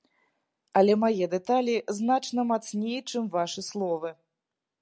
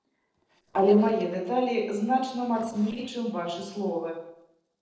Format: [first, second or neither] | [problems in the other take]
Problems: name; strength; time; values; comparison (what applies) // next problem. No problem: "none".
first | noise reduction (neural separator model SepFormer DNS4)